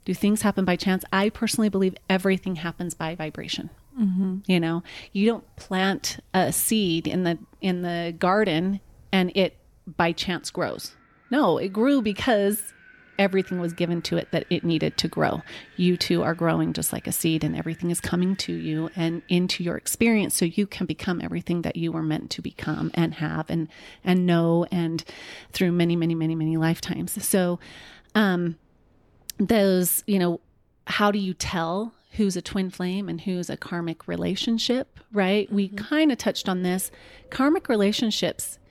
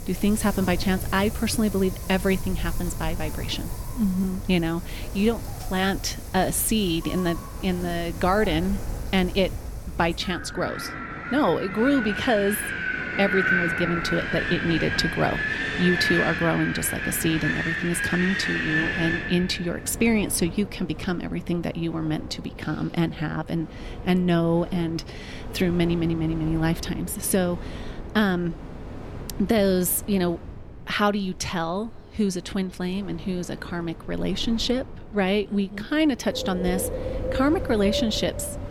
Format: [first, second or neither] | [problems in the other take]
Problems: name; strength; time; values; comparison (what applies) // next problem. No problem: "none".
first | wind in the background; loud; throughout; 5 dB below the speech; faint in the first